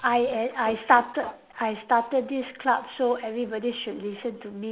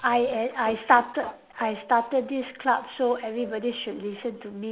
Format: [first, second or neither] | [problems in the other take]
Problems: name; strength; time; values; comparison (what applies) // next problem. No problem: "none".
first | background sound (Piano); 18 dB below the speech